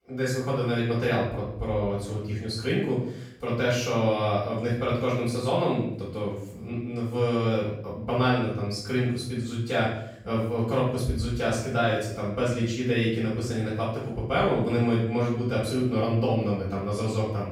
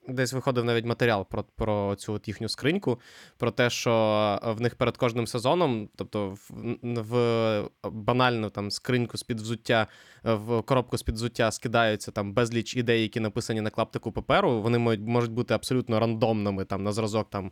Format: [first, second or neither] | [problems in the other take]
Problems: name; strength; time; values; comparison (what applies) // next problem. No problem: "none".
second | off-mic speech; far // room echo; noticeable; dies away in 0.7 s